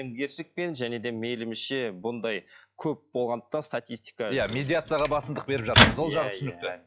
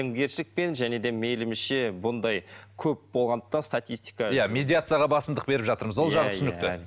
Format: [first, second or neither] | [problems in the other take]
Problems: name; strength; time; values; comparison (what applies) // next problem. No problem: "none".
second | noise reduction (classical method log-MMSE)